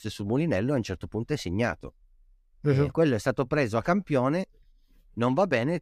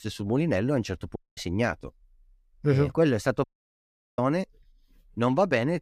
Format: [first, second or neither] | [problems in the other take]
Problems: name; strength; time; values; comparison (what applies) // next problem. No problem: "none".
first | audio cutting out; at 1 s and at 3.5 s for 0.5 s